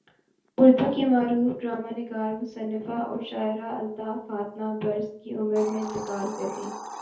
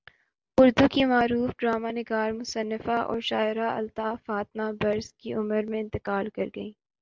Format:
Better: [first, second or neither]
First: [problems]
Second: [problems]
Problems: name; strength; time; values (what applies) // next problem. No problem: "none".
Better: second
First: background sound (Hiss); 18 dB below the speech // room echo; dies away in 0.5 s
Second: none